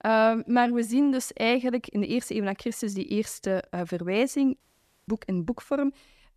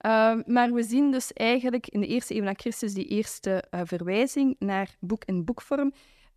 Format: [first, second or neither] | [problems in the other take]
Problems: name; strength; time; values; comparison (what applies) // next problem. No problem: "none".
second | audio cutting out; at 4.5 s